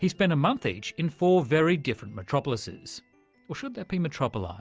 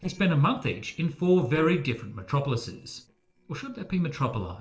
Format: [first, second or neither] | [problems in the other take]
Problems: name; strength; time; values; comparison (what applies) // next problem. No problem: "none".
first | noise reduction (neural separator model SepFormer DNS4)